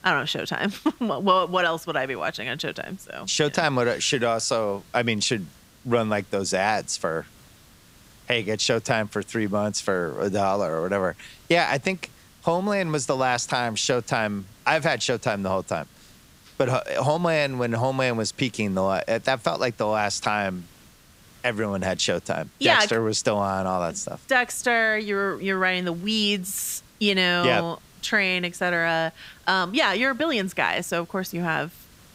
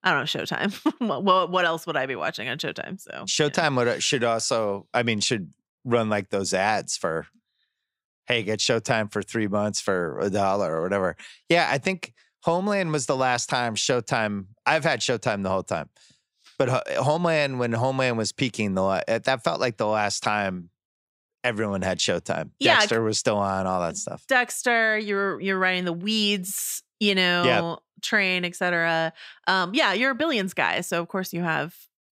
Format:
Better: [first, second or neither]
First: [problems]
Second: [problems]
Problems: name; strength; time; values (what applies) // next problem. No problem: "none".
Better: second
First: hiss; faint; throughout; 30 dB below the speech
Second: none